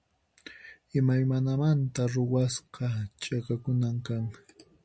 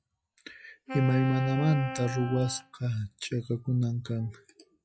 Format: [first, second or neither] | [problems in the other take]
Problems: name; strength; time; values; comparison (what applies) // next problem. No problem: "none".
first | noise reduction (classical method log-MMSE)